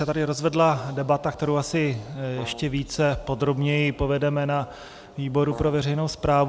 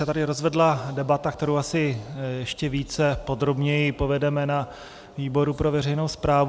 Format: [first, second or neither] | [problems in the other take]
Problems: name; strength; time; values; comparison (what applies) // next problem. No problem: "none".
second | background sound (Brass instrument); 16 dB below the speech